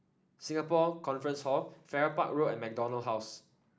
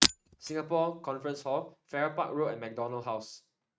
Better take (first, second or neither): first